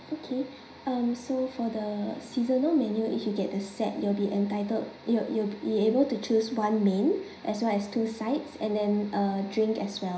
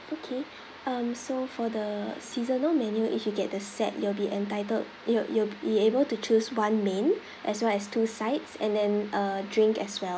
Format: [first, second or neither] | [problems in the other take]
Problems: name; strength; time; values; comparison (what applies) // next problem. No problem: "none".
second | room echo; dies away in 0.5 s